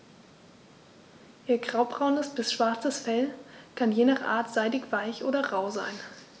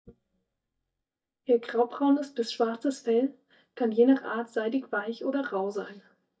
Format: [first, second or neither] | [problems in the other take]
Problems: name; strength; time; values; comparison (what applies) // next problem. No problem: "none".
first | noise reduction (neural mask model DeepFilterNet 3)